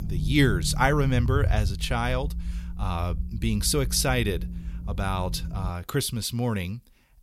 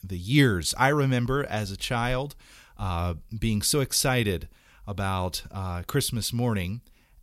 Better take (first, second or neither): second